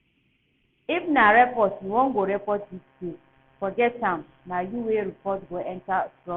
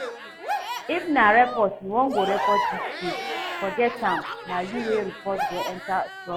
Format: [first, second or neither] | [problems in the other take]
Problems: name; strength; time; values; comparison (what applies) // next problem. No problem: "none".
first | background sound (Crowd / Cheering); 5 dB below the speech